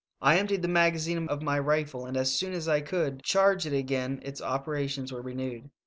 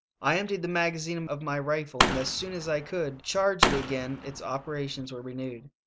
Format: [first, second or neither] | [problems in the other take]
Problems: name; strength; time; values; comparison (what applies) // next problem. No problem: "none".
first | background sound (Fireworks); 1 dB above the speech